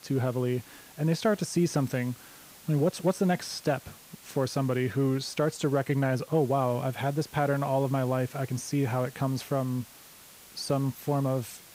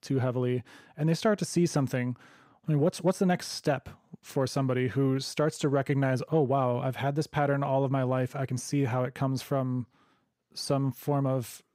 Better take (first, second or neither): second